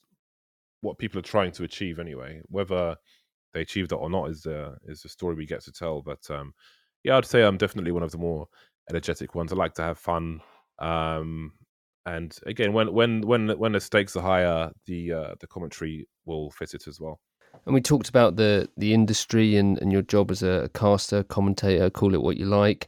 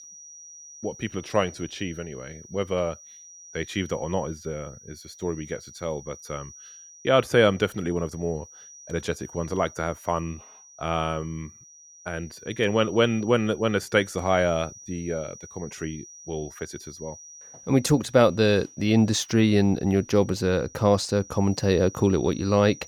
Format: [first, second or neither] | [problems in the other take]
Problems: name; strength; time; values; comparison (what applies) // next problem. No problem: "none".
first | high-pitched whine; noticeable; throughout; 6 kHz, 20 dB below the speech